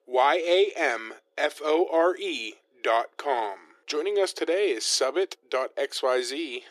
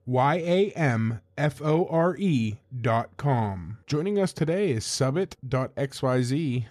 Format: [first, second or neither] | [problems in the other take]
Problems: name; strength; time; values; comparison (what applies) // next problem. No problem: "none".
second | thin; very; fading below 350 Hz